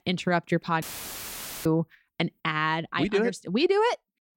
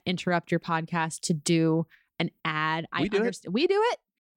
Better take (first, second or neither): second